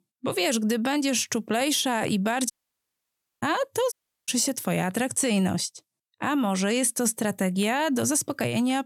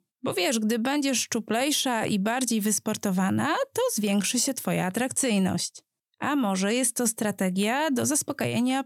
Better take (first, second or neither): second